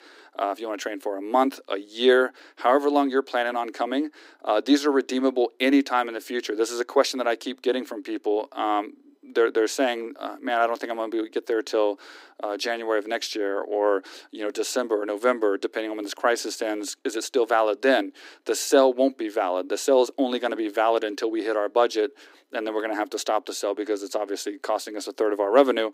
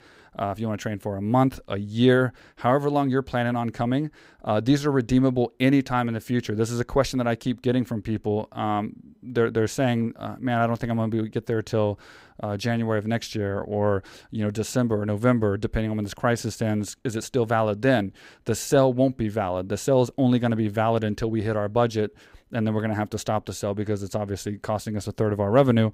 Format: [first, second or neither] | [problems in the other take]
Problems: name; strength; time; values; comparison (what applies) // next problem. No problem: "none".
second | thin; somewhat; fading below 300 Hz